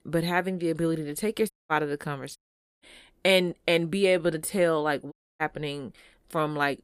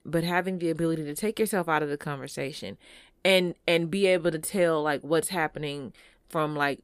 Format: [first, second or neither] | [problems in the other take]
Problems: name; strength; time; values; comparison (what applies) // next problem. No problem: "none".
second | audio cutting out; at 1.5 s, at 2.5 s and at 5 s